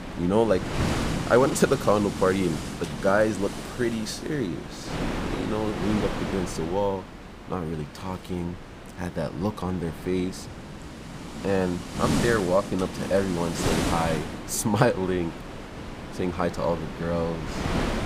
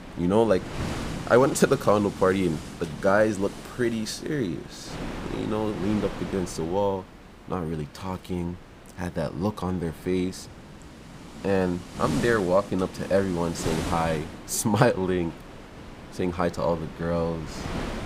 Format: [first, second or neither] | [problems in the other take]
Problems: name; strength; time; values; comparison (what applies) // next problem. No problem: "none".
second | wind noise on the microphone; heavy; 7 dB below the speech; occasional gusts in the second